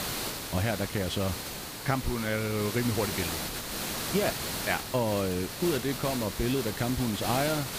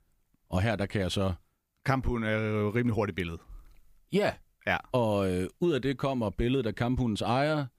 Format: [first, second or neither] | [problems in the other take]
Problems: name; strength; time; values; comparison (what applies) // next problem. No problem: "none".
second | hiss; loud; throughout; 3 dB below the speech